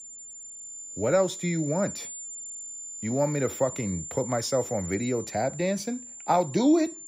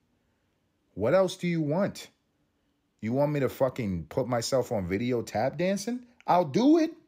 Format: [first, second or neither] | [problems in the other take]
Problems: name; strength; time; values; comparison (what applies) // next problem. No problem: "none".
second | high-pitched whine; loud; throughout; 7 kHz, 10 dB below the speech